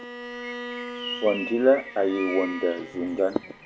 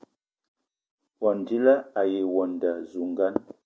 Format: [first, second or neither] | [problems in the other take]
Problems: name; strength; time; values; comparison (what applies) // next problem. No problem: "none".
second | background sound (Bowed string instrument + Bird); 10 dB below the speech